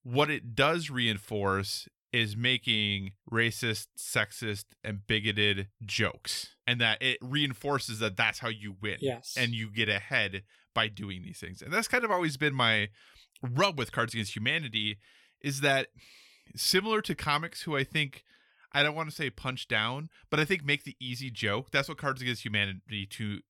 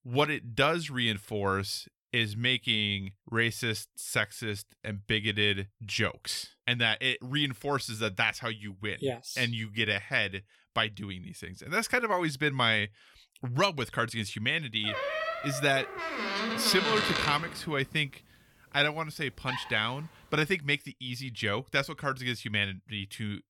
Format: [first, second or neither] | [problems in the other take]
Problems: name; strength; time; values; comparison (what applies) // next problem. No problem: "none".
first | door banging; loud; from 15 to 20 s; peak 2 dB above the speech